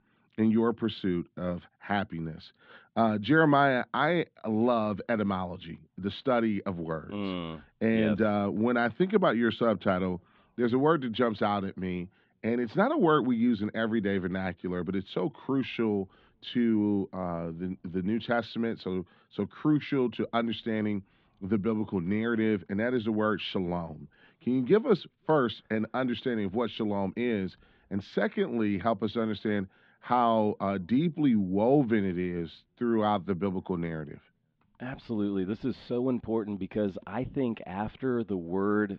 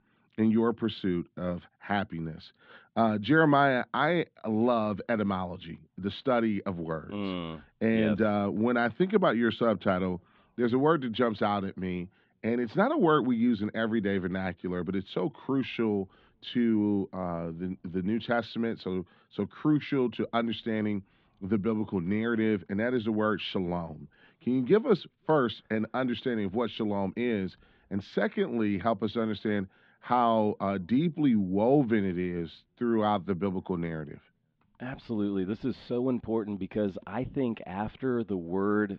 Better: neither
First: muffled; very; fading above 3.5 kHz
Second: muffled; very; fading above 3.5 kHz

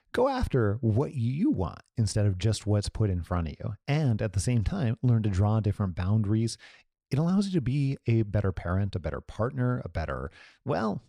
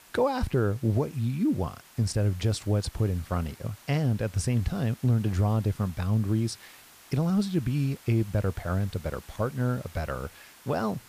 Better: first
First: none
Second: hiss; faint; throughout; 20 dB below the speech

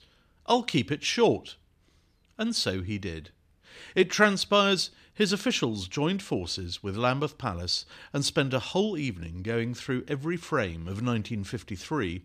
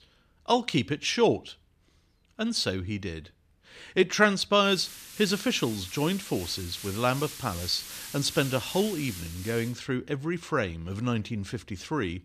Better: first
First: none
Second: hiss; noticeable; from 4.5 to 9.5 s; 10 dB below the speech

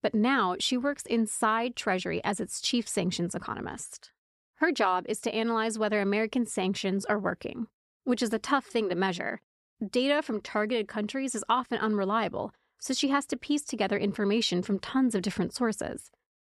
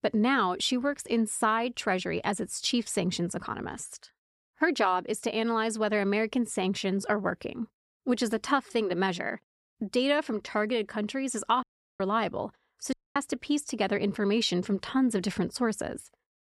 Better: first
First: none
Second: audio cutting out; at 12 s and at 13 s

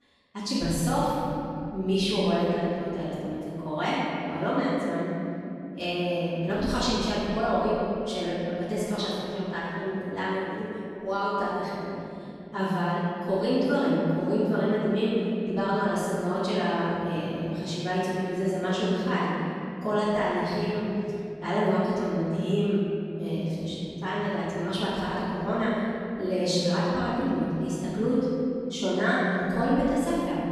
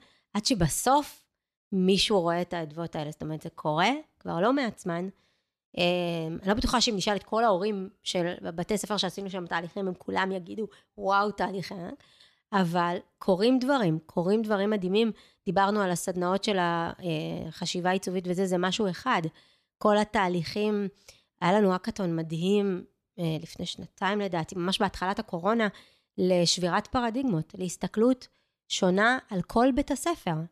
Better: second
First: off-mic speech; far // room echo; strong; dies away in 3 s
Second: none

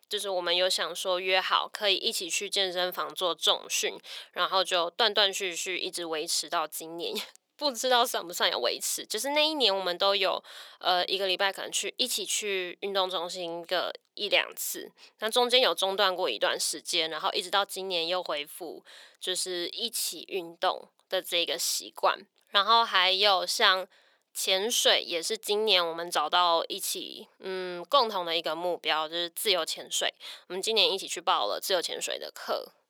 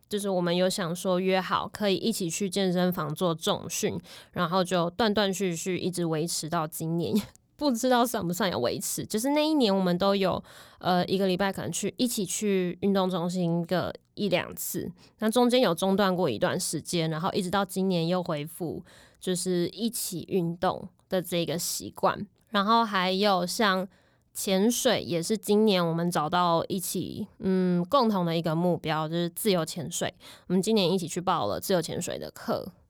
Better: second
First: thin; very; fading below 450 Hz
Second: none

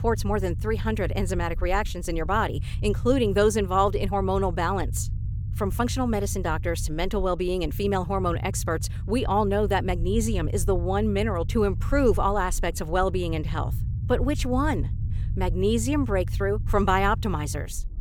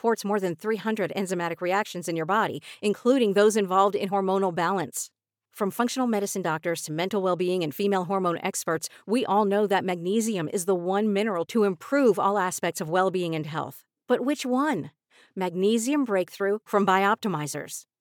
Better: second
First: low rumble; faint; throughout; 20 dB below the speech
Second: none

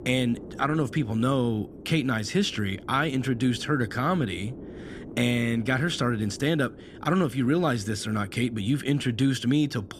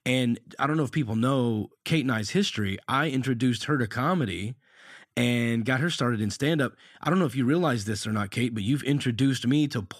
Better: second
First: wind noise on the microphone; occasional gusts; 20 dB below the speech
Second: none

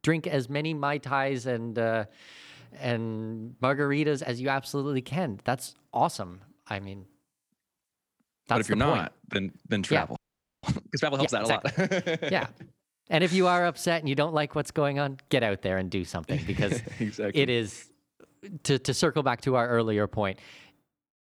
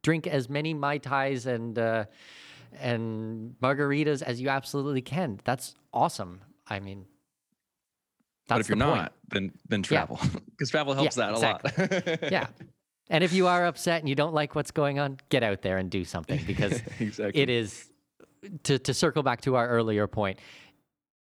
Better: second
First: audio freezing; at 10 s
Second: none

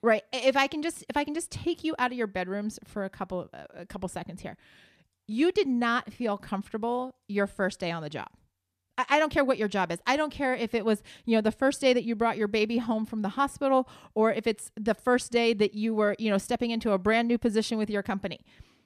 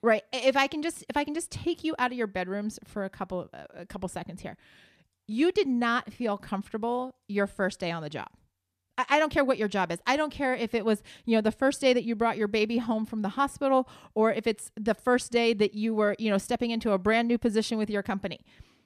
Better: neither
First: none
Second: none

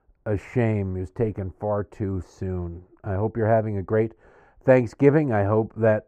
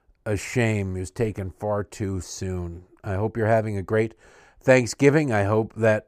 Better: second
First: muffled; very; fading above 2.5 kHz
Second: none

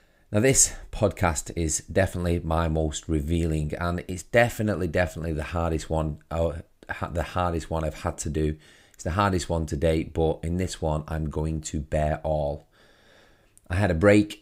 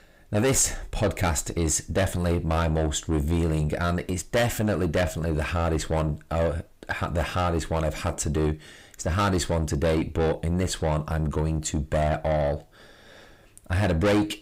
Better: first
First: none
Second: distortion; heavy; 7 dB below the speech

